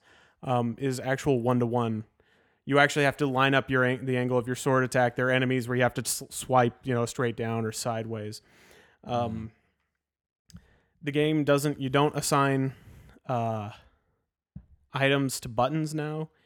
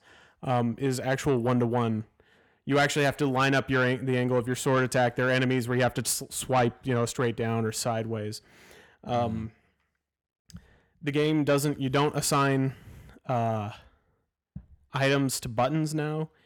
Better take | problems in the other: first | distortion; slight; 10 dB below the speech

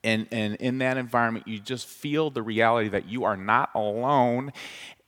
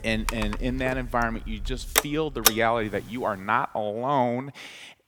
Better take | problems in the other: first | alarms or sirens; very loud; until 3 s; as loud as the speech

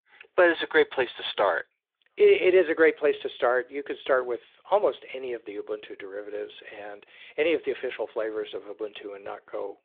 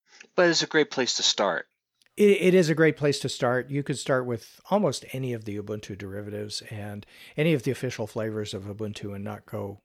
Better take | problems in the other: second | phone-call audio

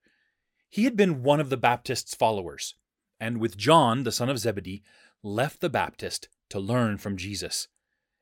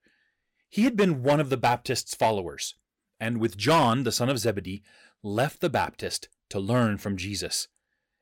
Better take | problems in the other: first | distortion; slight; 3% of the sound clipped

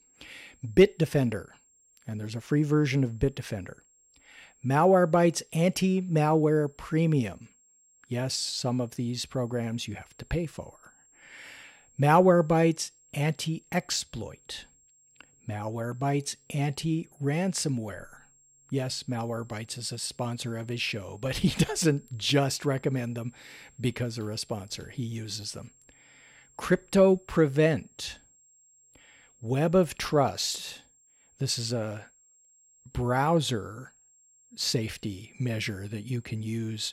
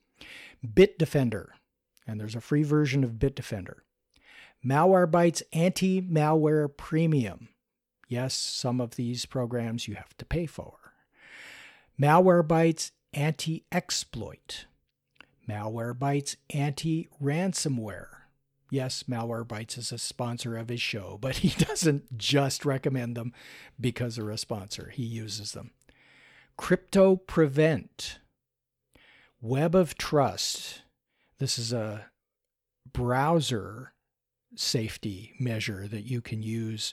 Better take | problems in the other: second | high-pitched whine; faint; throughout; 7.5 kHz, 30 dB below the speech

